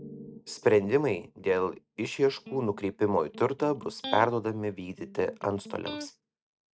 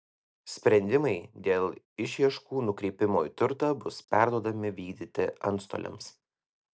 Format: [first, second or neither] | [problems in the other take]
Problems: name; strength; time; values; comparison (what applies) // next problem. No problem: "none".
second | noise reduction (neural mask model RNNoise)